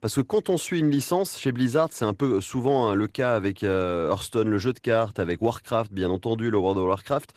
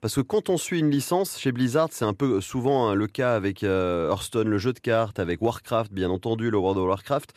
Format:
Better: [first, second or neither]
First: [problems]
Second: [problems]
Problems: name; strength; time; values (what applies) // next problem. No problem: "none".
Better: second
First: garbled, watery; slightly; nothing above 14.5 kHz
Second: none